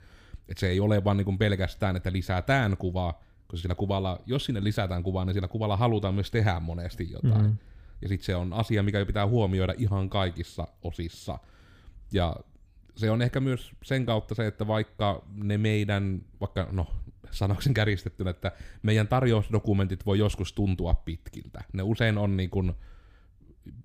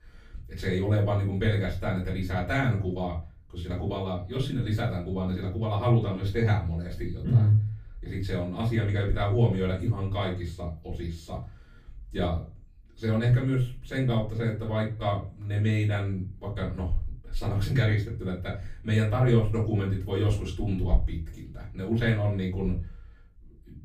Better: first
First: none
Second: room echo; slight; dies away in 0.3 s // off-mic speech; far

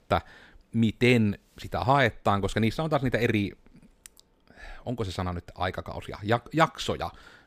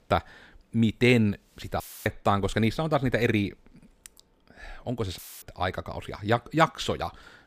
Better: first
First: none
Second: audio cutting out; filled with static; at 2 s and at 5 s

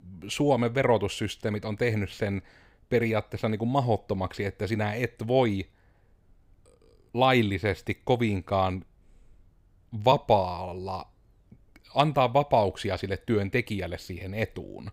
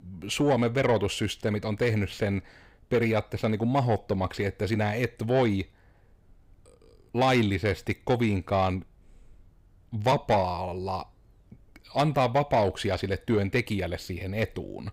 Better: first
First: none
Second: distortion; slight; 10 dB below the speech

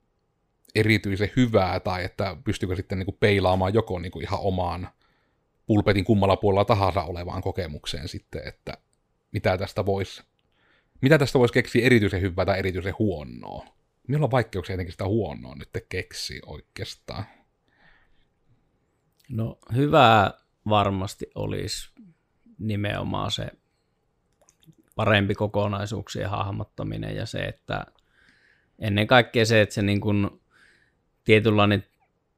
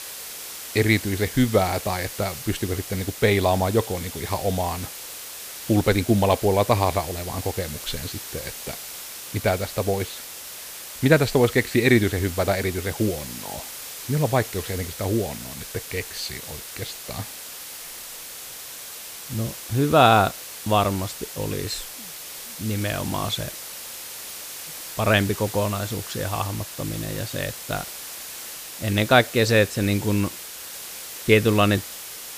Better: first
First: none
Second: hiss; noticeable; throughout; 10 dB below the speech

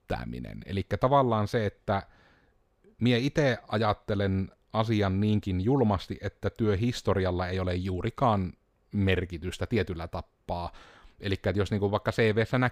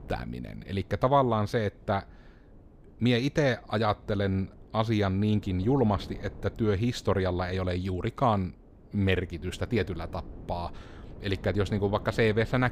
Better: first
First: none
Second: wind noise on the microphone; occasional gusts; 25 dB below the speech

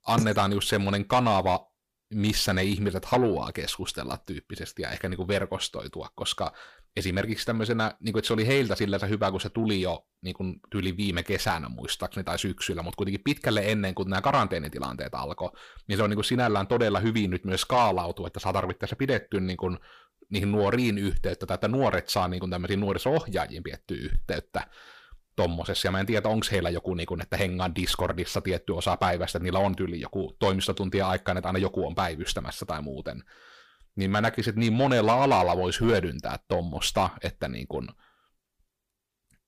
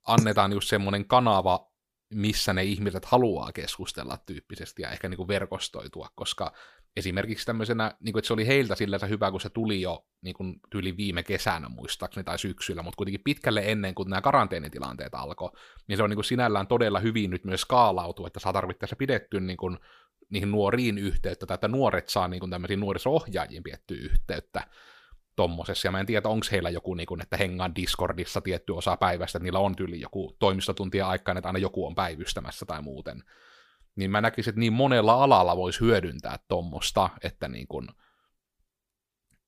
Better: second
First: distortion; slight; 10 dB below the speech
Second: none

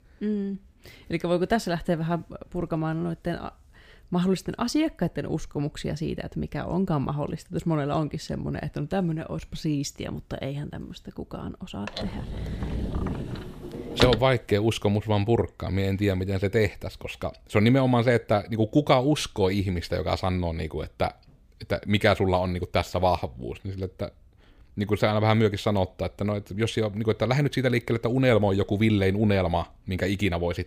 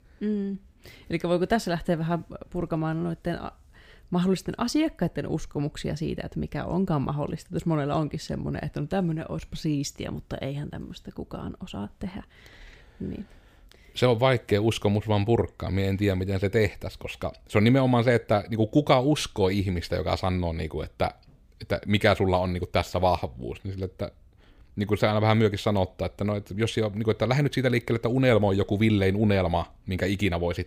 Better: second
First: door banging; loud; from 12 to 14 s; peak 1 dB above the speech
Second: none

